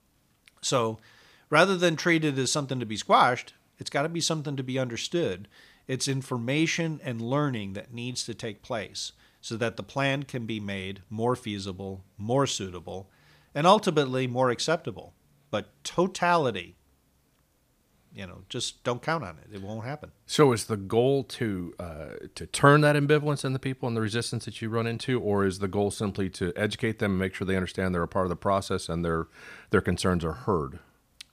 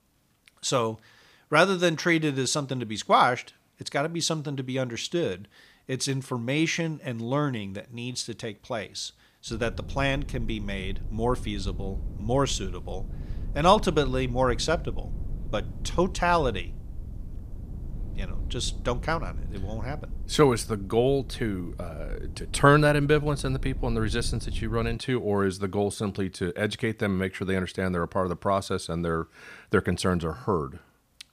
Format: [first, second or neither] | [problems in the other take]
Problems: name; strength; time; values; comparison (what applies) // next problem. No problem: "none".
first | low rumble; faint; from 9.5 to 25 s; 25 dB below the speech